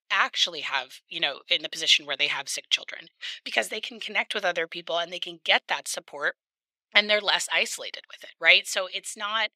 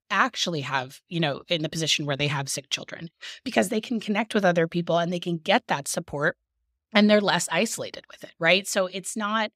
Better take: second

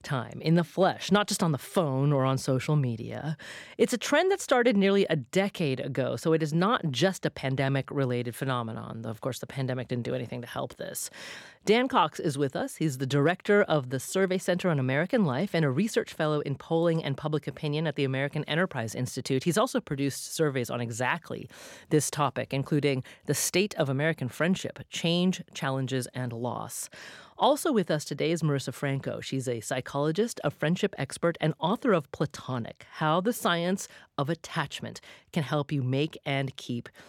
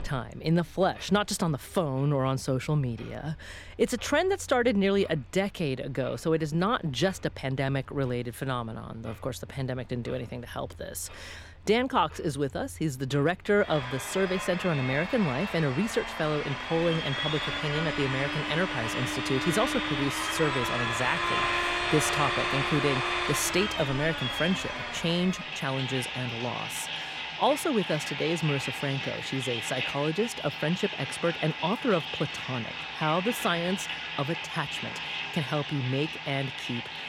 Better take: first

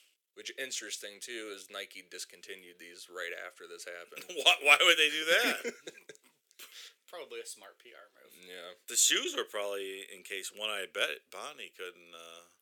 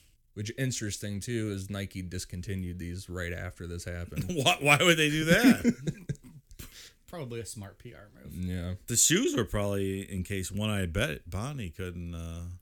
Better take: second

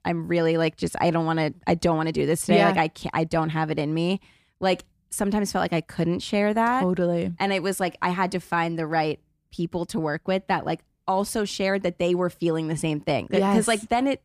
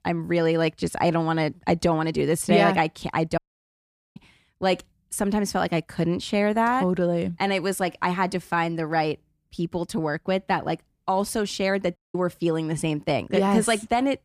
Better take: first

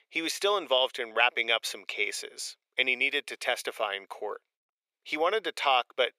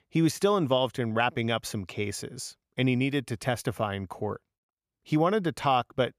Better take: second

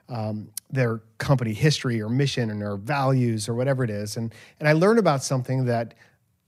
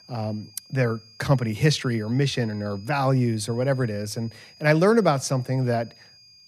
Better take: first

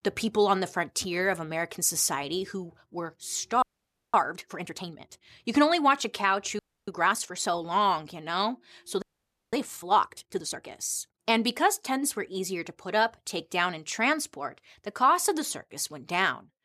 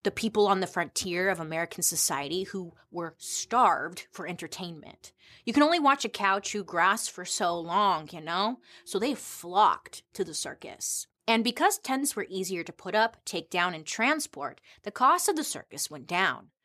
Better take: second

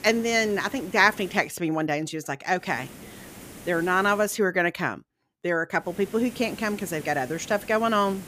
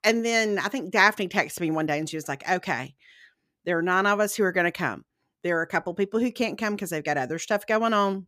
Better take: second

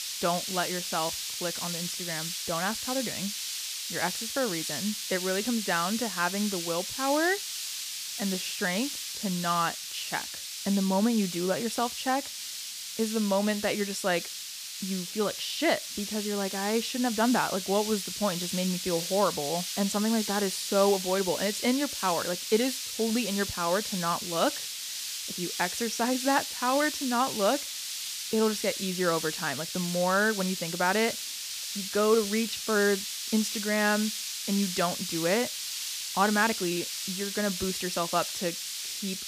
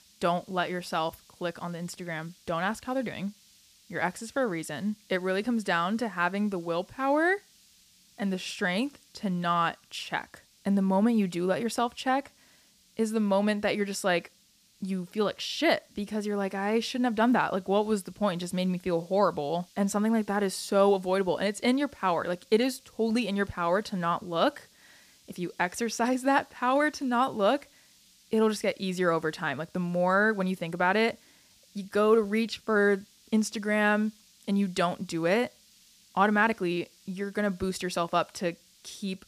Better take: second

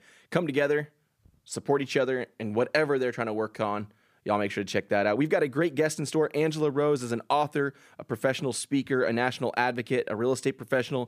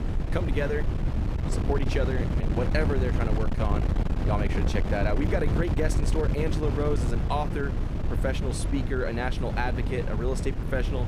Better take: first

